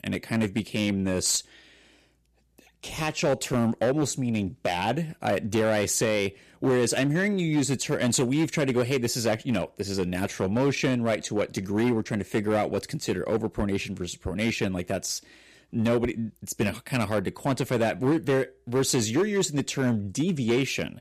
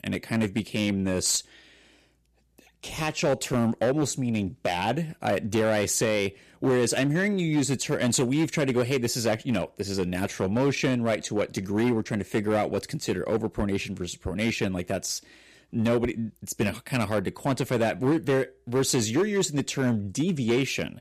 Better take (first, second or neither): neither